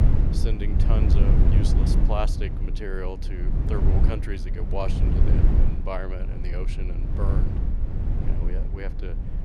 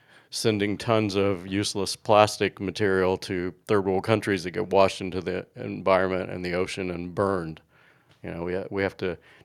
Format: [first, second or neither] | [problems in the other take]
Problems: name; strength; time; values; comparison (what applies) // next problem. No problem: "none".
second | low rumble; loud; throughout; 2 dB below the speech